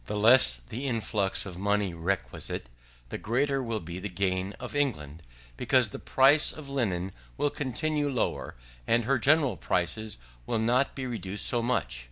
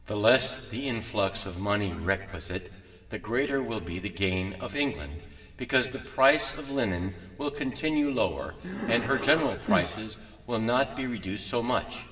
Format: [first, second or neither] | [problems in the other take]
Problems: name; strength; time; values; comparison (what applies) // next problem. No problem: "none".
first | background sound (Breathing); 3 dB below the speech // room echo; dies away in 2.8 s